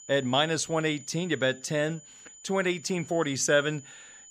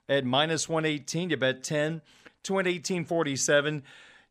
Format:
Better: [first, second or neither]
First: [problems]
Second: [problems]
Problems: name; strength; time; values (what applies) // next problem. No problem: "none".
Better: second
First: high-pitched whine; noticeable; throughout; 7 kHz, 20 dB below the speech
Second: none